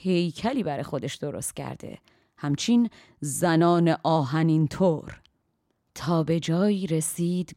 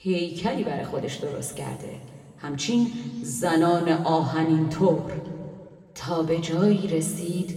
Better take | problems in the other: first | room echo; slight; dies away in 2 s // off-mic speech; somewhat distant

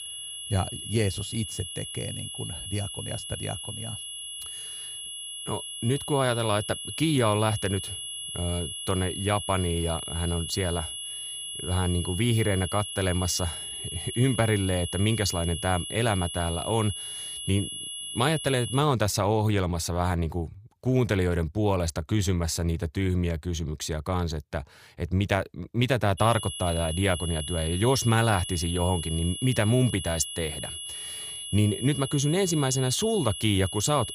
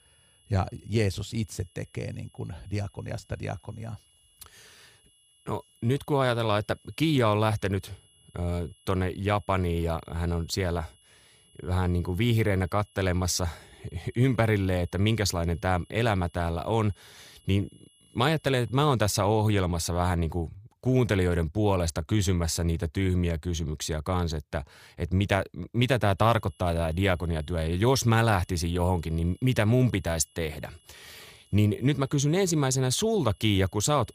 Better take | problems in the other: second | high-pitched whine; loud; until 19 s and from 26 s on; 3 kHz, 7 dB below the speech; faint in the second

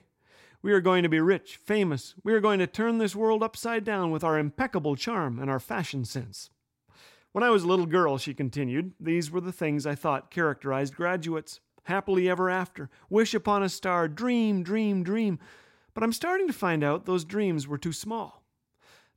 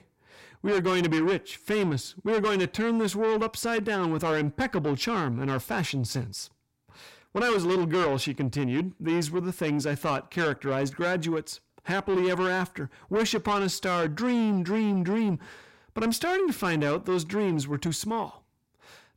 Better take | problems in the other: first | distortion; heavy; 8 dB below the speech

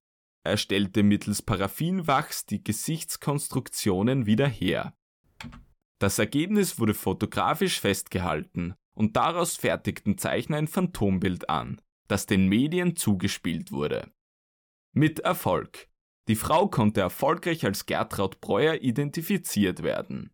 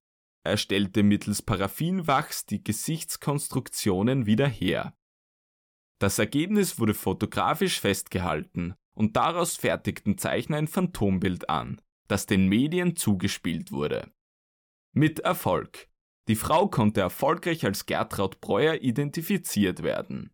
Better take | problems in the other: second | keyboard typing; faint; at 5.5 s; peak 20 dB below the speech

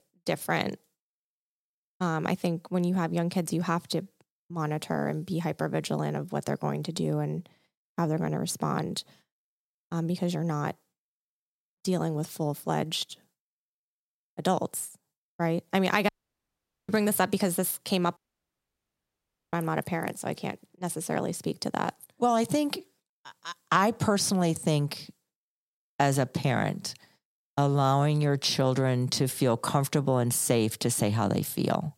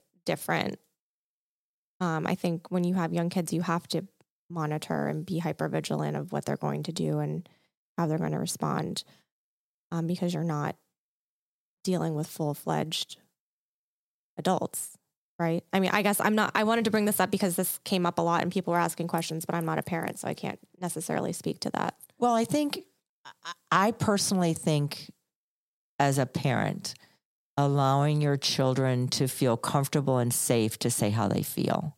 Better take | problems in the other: second | audio cutting out; at 16 s for 1 s and at 18 s for 1.5 s

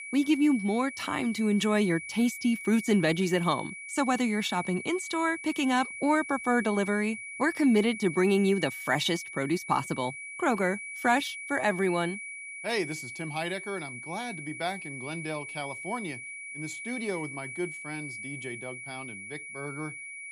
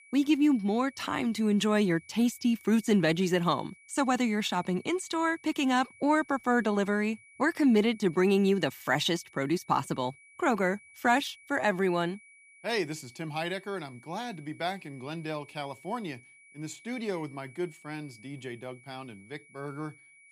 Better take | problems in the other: second | high-pitched whine; loud; throughout; 2.5 kHz, 10 dB below the speech; faint in the second

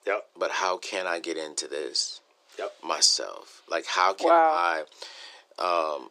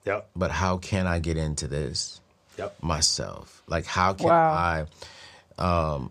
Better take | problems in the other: second | thin; very; fading below 350 Hz

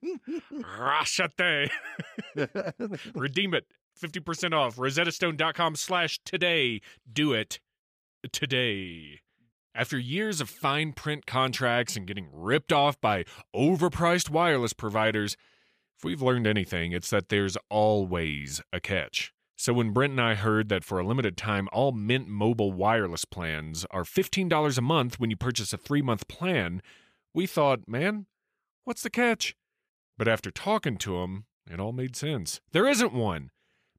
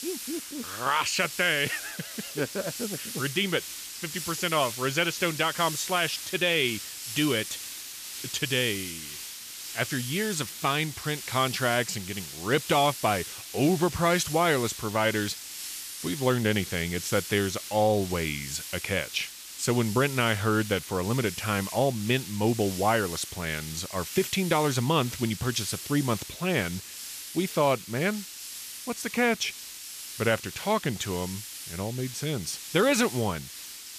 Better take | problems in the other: first | hiss; loud; throughout; 9 dB below the speech

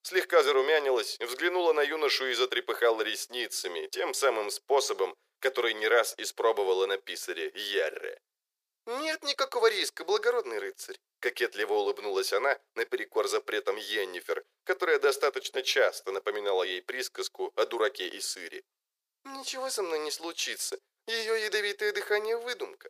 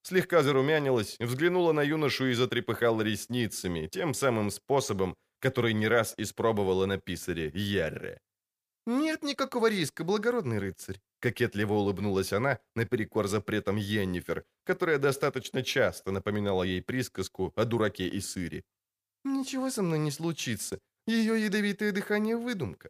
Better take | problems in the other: second | thin; very; fading below 400 Hz

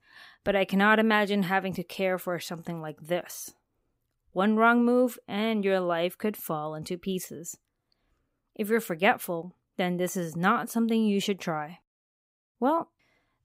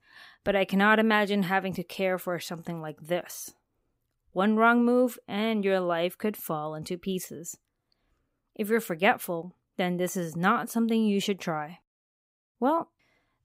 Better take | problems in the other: neither | none

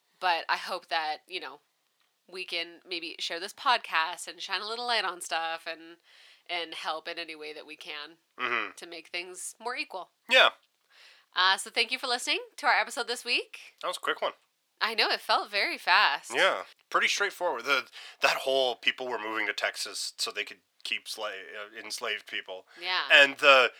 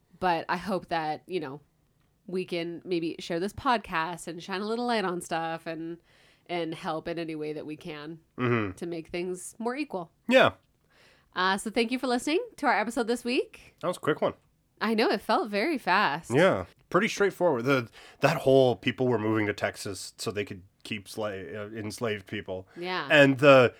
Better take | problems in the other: second | thin; very; fading below 750 Hz

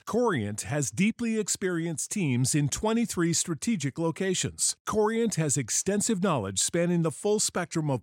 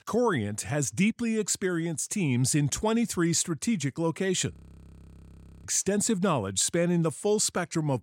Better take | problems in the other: first | audio freezing; at 4.5 s for 1 s

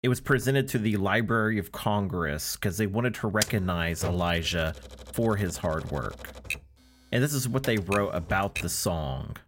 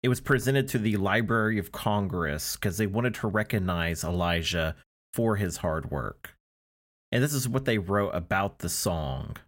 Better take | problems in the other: second | keyboard typing; noticeable; from 3.5 to 8.5 s; peak 3 dB below the speech

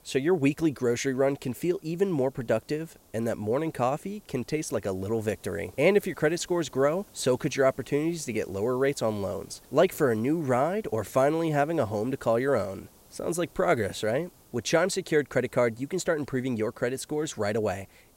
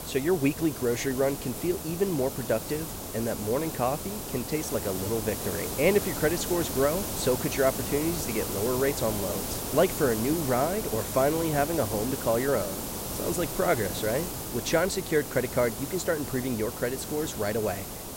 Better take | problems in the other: first | hiss; loud; throughout; 5 dB below the speech; faint in the first

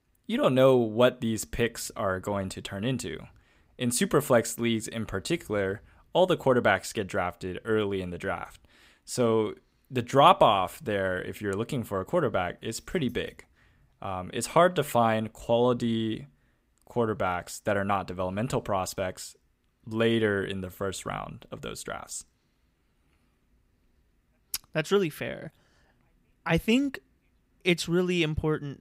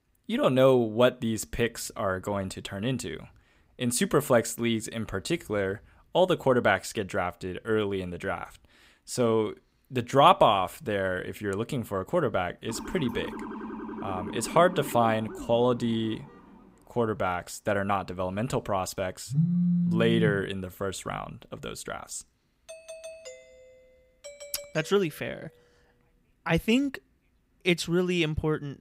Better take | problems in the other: first | siren; noticeable; from 13 to 17 s; peak 10 dB below the speech // phone ringing; loud; from 19 to 20 s; peak 2 dB above the speech // doorbell; faint; from 23 to 25 s; peak 15 dB below the speech

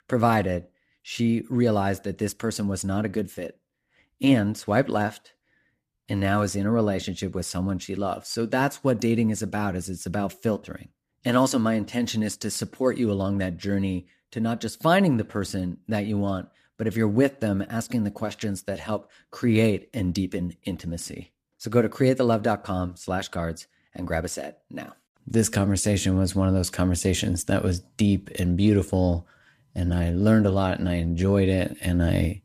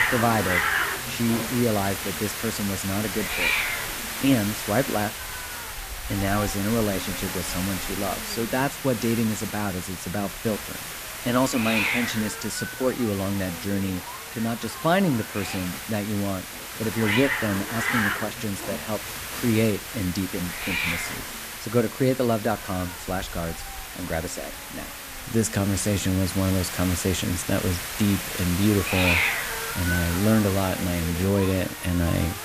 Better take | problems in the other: first | hiss; loud; throughout; 3 dB below the speech

